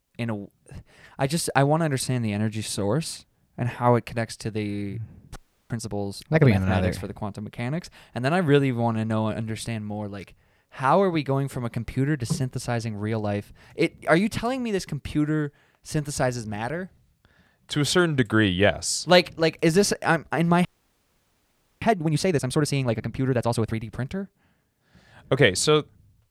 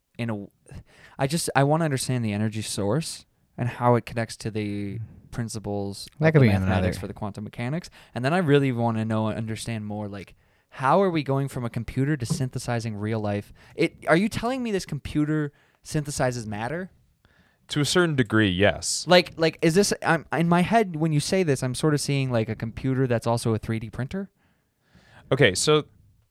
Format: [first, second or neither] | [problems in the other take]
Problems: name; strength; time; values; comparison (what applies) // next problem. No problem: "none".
second | audio freezing; at 5.5 s and at 21 s for 1 s